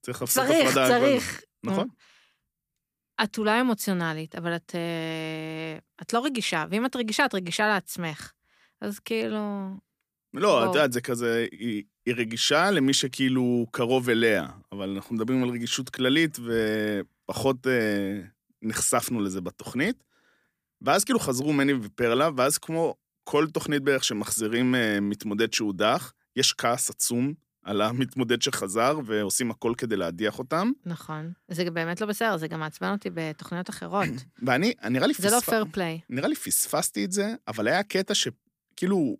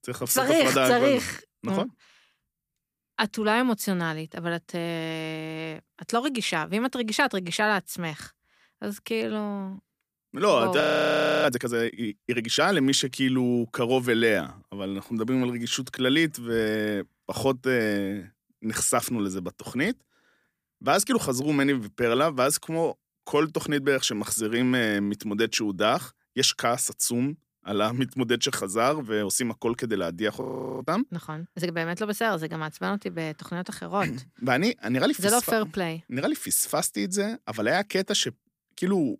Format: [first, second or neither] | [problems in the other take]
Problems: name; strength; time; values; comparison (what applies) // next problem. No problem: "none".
first | audio freezing; at 11 s for 0.5 s and at 30 s